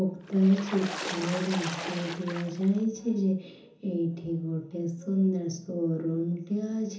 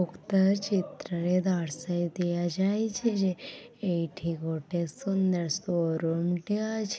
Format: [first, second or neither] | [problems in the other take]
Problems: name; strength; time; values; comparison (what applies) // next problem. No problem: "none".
second | background sound (Water / Splash, splatter); 9 dB below the speech // room echo; dies away in 0.6 s